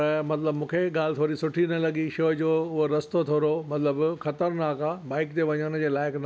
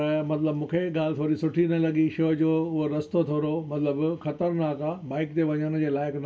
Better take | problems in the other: first | room echo; dies away in 0.2 s

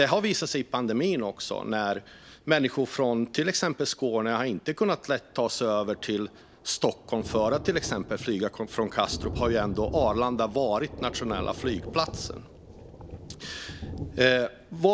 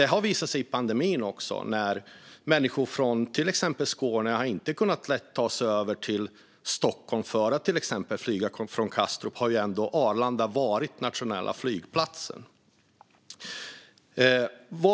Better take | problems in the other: second | background sound (Thunder); 14 dB below the speech

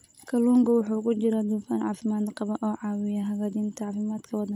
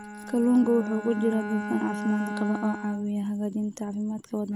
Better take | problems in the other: first | background sound (Bowed string instrument); 9 dB below the speech

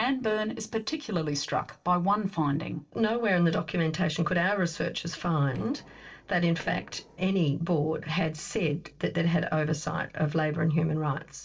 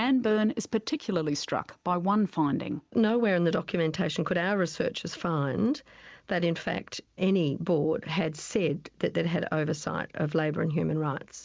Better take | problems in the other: second | noise reduction (neural separator model SepFormer DNS4)

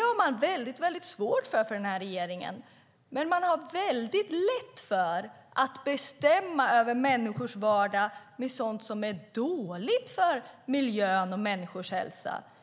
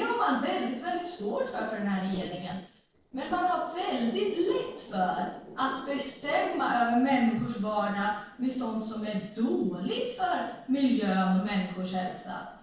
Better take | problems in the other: first | noise reduction (neural separator model SepFormer DNS4)

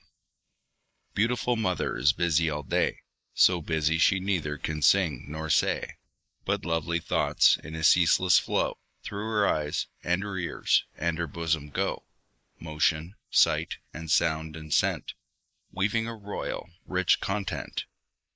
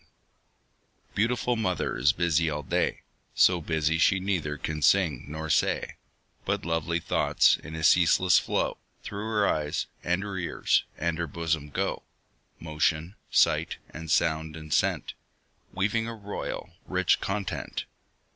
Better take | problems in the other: second | noise reduction (neural mask model Resemble Enhance denoiser)

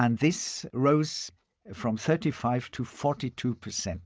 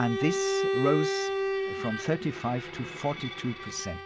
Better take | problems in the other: first | background sound (Bowed string instrument); as loud as the speech

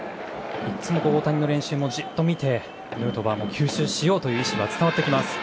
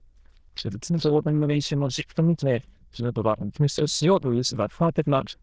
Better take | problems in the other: first | noise reduction (neural diffusion model UNIVERSE++)

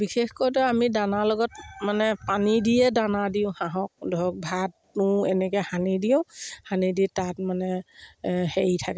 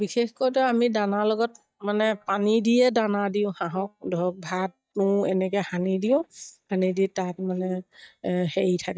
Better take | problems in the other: first | noise reduction (neural mask model DeepFilterNet 3)

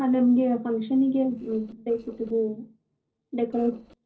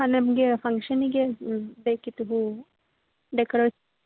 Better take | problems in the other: second | noise reduction (neural separator model SepFormer DNS4)

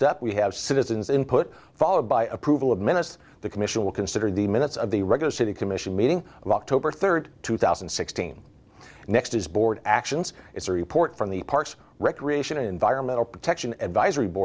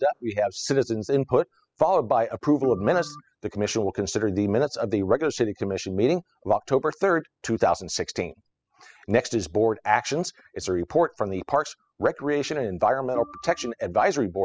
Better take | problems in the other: first | noise reduction (classical method spectral subtraction)

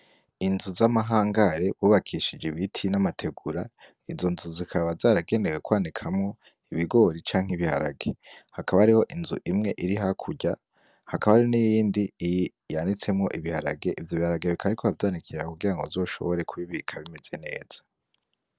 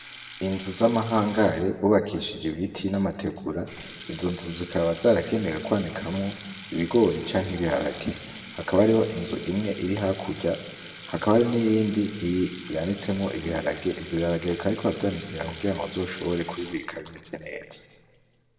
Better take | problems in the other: first | background sound (Sink (filling or washing) / Water tap, faucet); 18 dB below the speech // room echo; dies away in 1.4 s

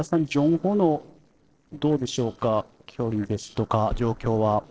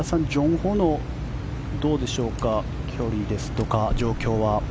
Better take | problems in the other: second | noise reduction (neural separator model SepFormer DNS4)

